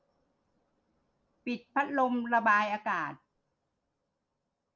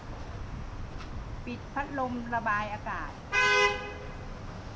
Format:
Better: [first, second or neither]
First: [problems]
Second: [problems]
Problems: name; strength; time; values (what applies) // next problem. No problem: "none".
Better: first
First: none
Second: background sound (Traffic noise, roadway noise / Vehicle horn, car horn, honking); 4 dB above the speech